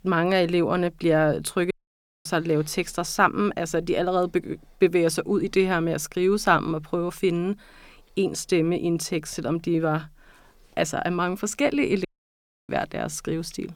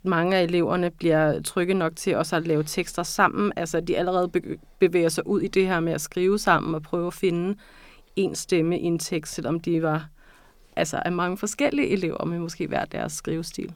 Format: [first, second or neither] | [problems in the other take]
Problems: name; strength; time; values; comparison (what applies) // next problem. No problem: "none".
second | audio cutting out; at 1.5 s for 0.5 s and at 12 s for 0.5 s